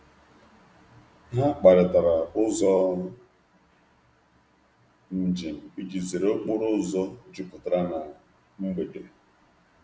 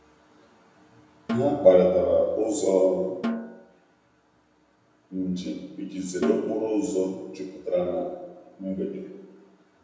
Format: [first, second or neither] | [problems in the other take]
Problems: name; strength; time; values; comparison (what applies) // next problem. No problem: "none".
first | background sound (Snare drum); 10 dB below the speech // room echo; dies away in 1 s